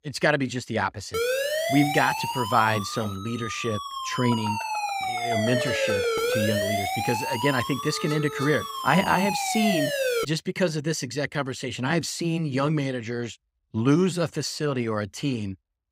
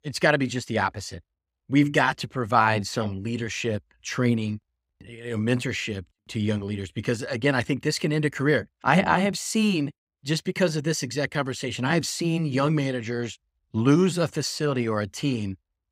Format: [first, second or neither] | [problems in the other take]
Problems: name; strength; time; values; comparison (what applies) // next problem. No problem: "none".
second | siren; loud; from 1 to 10 s; peak 2 dB above the speech